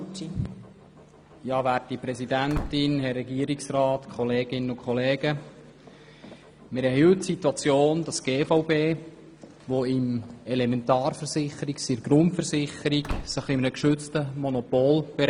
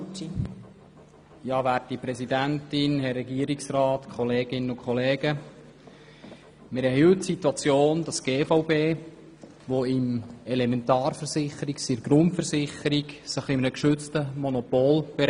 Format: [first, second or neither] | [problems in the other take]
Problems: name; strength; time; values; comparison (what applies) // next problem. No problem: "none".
second | background sound (Slam / Wood); 11 dB below the speech